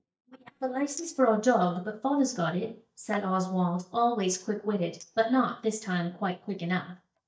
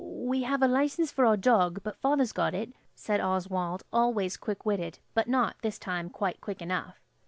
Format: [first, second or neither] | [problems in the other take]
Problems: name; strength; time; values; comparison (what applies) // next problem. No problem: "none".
second | noise reduction (neural mask model DeepFilterNet 3)